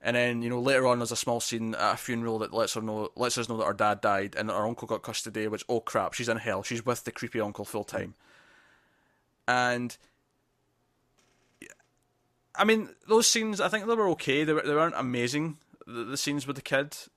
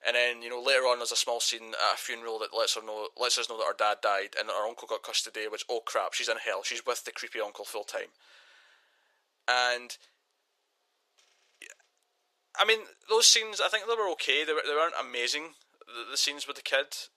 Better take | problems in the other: first | thin; very; fading below 450 Hz

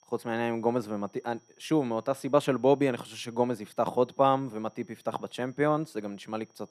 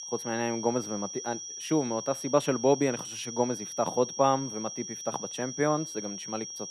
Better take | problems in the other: first | high-pitched whine; loud; throughout; 5.5 kHz, 7 dB below the speech; faint in the first

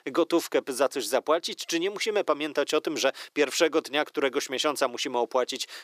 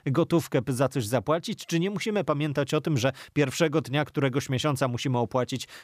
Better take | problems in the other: second | thin; somewhat; fading below 350 Hz

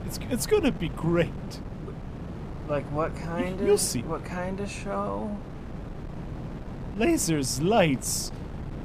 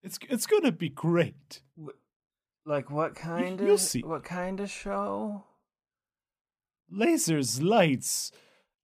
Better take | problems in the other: second | wind noise on the microphone; occasional gusts; 15 dB below the speech

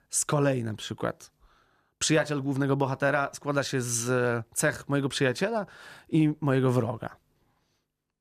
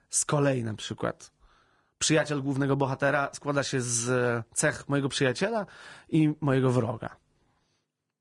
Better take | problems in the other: first | garbled, watery; slightly; nothing above 10 kHz

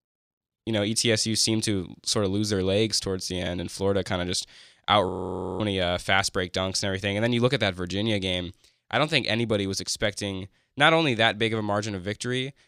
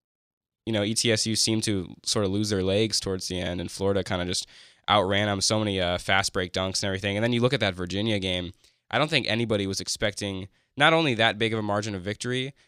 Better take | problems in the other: second | audio freezing; at 5 s for 0.5 s

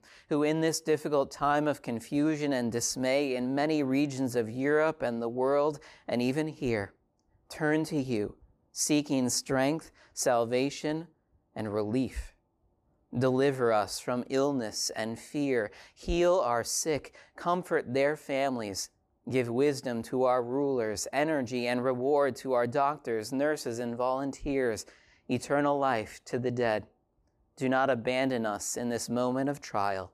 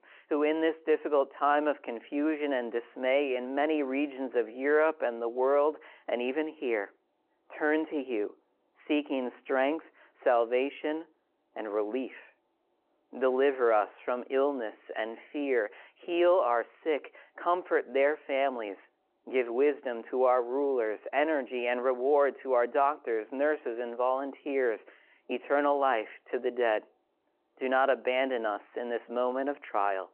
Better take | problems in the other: first | phone-call audio

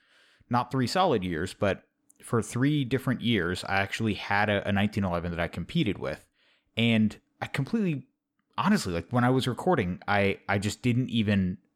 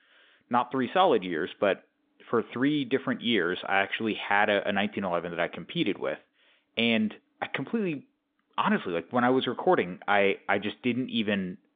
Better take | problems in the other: first | phone-call audio; nothing above 3.5 kHz

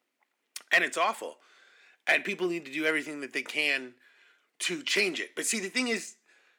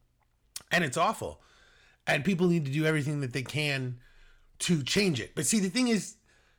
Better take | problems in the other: second | thin; somewhat; fading below 250 Hz

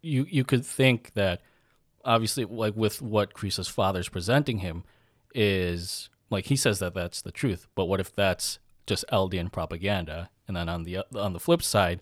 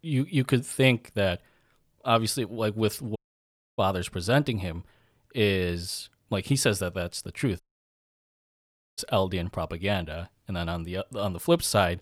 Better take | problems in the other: first | audio cutting out; at 3 s for 0.5 s and at 7.5 s for 1.5 s

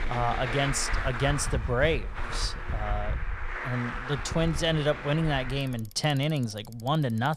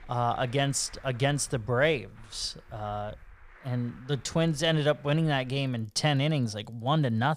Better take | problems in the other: second | traffic noise; loud; throughout; 6 dB below the speech; faint in the second

